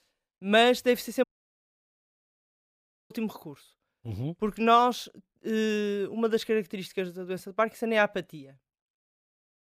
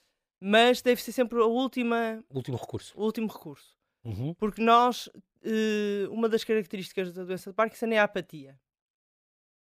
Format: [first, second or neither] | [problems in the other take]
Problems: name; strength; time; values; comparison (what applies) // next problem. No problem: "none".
second | audio cutting out; at 1 s for 2 s